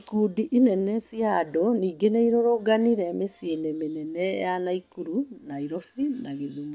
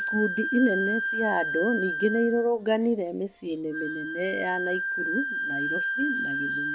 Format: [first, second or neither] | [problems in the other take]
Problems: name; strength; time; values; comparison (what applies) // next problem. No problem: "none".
first | background sound (Wind instrument, woodwind instrument); 3 dB below the speech